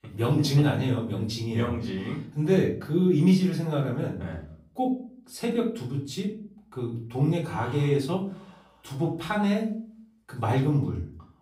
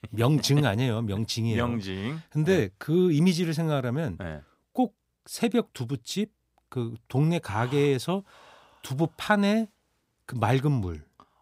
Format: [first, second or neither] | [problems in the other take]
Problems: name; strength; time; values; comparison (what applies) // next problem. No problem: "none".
second | off-mic speech; far // room echo; slight; dies away in 0.4 s